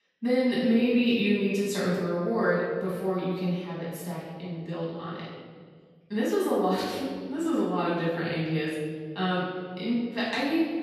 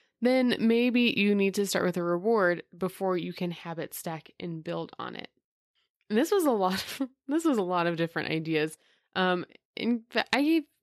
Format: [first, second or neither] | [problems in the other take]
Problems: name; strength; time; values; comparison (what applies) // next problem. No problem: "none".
second | room echo; strong; dies away in 2 s // off-mic speech; far